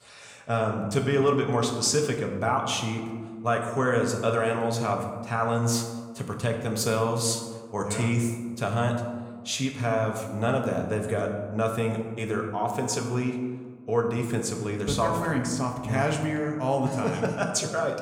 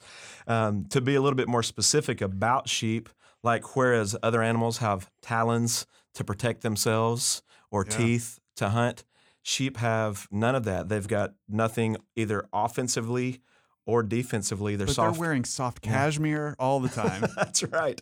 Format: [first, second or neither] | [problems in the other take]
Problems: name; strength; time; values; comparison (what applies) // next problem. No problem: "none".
second | room echo; slight; dies away in 1.1 s